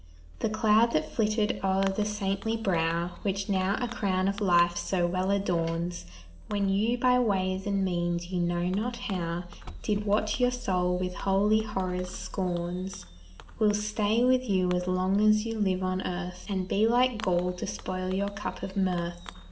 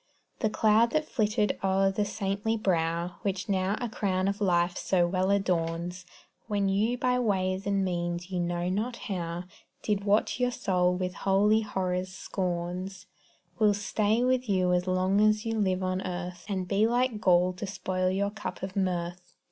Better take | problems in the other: second | background sound (Fireworks); 15 dB below the speech // room echo; dies away in 0.6 s

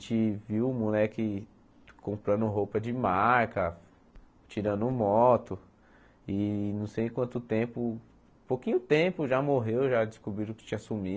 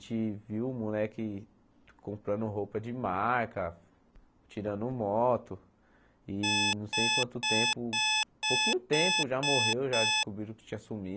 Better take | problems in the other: first | background sound (Alarm); 4 dB above the speech

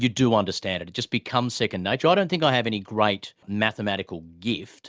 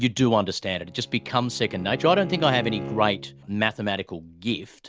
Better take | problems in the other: first | background sound (Bowed string instrument); 14 dB below the speech

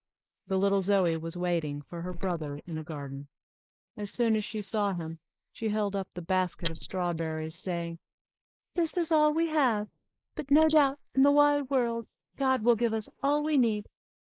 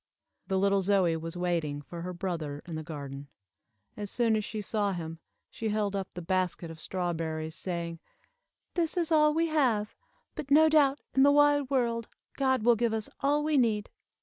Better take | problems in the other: second | noise reduction (neural mask model Resemble Enhance denoiser)

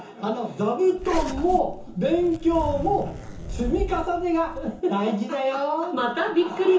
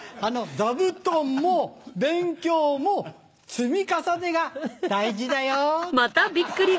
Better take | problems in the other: second | background sound (Zipper (clothing)); 8 dB below the speech // room echo; dies away in 0.6 s

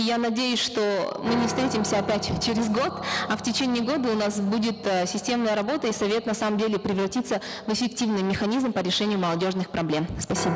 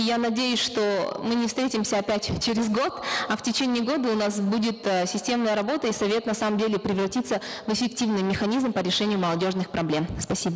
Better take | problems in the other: second | background sound (Piano); 12 dB below the speech

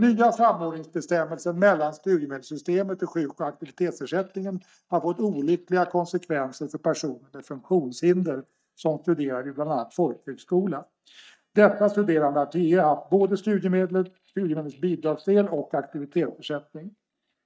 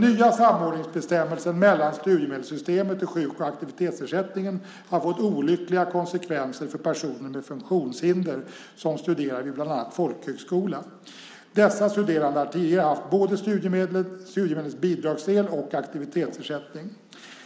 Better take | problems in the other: second | noise reduction (neural mask model DeepFilterNet 3)

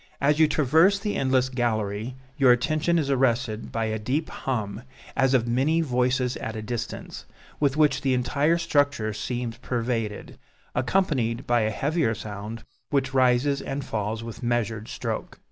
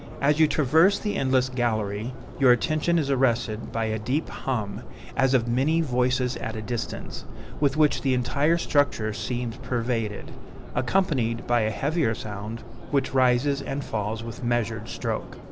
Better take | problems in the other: first | background sound (Subway, metro, underground); 9 dB below the speech

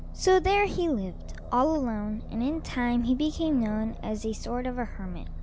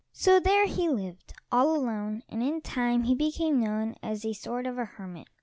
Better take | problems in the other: second | background sound (Aircraft); 9 dB below the speech

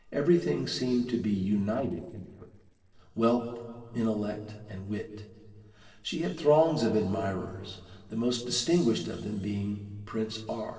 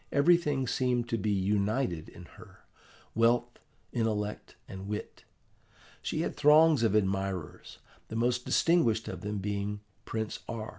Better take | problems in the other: second | noise reduction (neural separator model SepFormer DNS4)

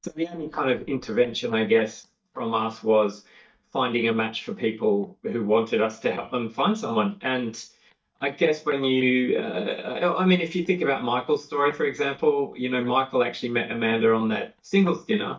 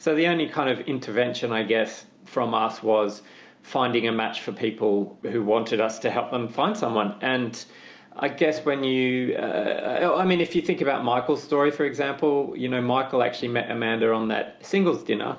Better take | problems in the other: second | noise reduction (neural mask model DeepFilterNet 3)

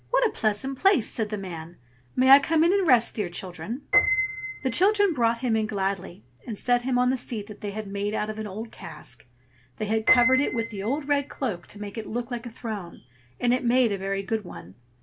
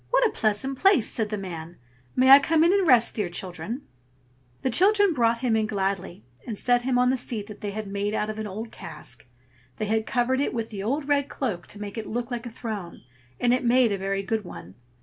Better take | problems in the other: second | background sound (Piano); 9 dB below the speech

